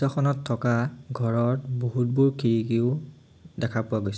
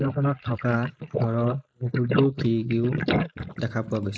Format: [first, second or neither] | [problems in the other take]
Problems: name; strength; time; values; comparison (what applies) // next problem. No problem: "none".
first | noise reduction (neural mask model Resemble Enhance denoiser)